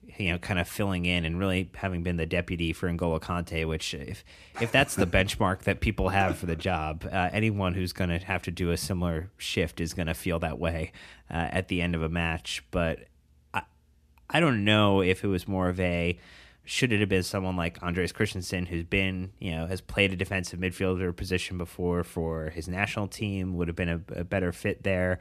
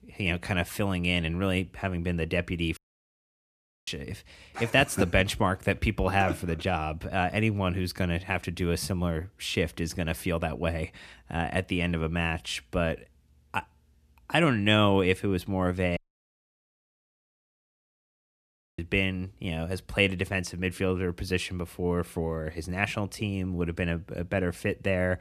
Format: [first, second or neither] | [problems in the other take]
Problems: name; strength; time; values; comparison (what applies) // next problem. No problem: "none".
first | audio cutting out; at 3 s for 1 s and at 16 s for 3 s